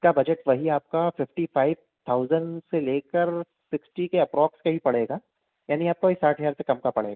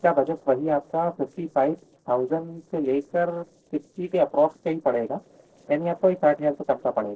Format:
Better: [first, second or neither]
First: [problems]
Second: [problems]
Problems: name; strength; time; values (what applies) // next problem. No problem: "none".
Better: first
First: none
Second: noise reduction (neural separator model SepFormer DNS4)